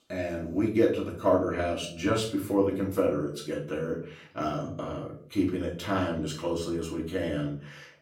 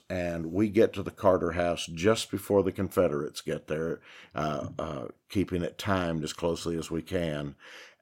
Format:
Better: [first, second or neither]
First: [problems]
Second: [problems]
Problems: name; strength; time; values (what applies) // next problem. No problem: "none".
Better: second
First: off-mic speech; far // room echo; slight; dies away in 0.4 s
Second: none